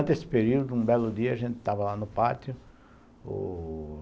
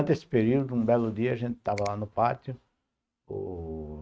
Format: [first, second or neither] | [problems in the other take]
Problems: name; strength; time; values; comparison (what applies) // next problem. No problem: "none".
first | noise reduction (neural mask model RNNoise)